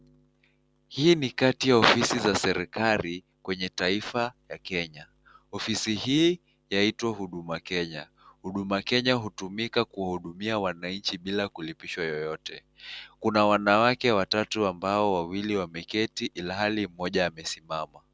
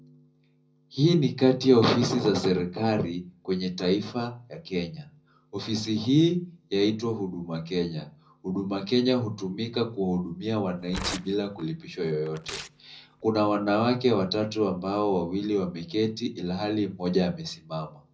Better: first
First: none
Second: background sound (Tearing); 15 dB below the speech // room echo; dies away in 0.4 s

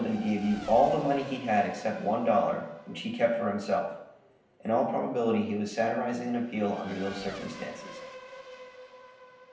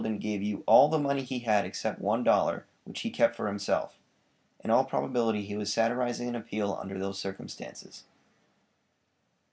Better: second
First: background sound (Race car, auto racing / Accelerating, revving, vroom); 18 dB below the speech // room echo; dies away in 0.8 s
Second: none

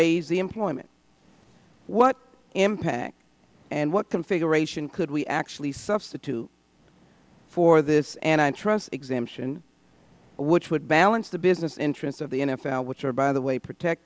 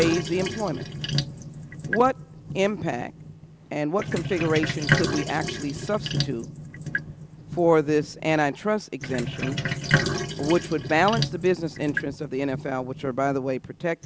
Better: first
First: none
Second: background sound (Sink (filling or washing)); 4 dB below the speech

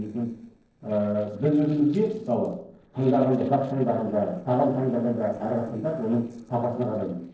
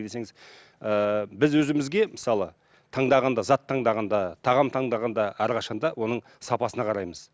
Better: second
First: noise reduction (neural separator model SepFormer DNS4)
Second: none

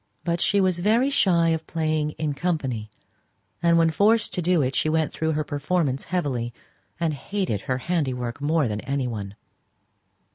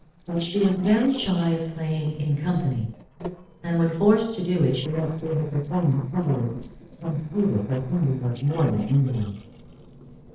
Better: first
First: none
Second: noise reduction (neural separator model SepFormer DNS4)

